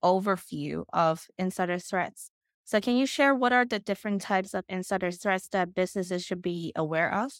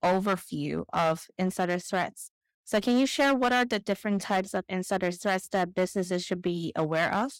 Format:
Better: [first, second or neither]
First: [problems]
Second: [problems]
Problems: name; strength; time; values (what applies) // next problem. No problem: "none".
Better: first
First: none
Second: distortion; slight; 6% of the sound clipped